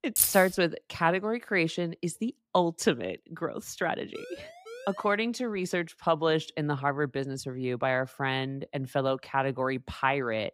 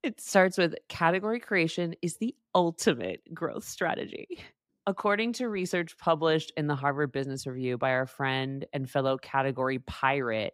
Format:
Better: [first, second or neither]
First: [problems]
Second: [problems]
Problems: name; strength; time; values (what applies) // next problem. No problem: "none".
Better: second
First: jangling keys; loud; at the start; peak 5 dB above the speech // siren; faint; from 4 to 5 s; peak 15 dB below the speech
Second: none